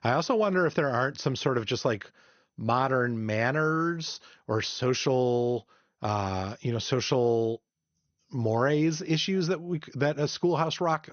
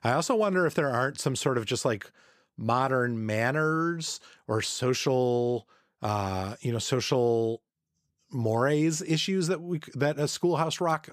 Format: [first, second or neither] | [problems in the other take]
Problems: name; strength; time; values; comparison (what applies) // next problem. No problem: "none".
second | garbled, watery; slightly; nothing above 6.5 kHz